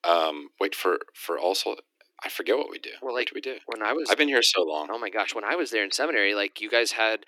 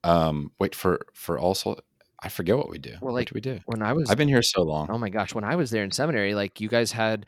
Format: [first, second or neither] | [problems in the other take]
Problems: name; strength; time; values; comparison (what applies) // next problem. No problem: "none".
second | thin; somewhat; fading below 300 Hz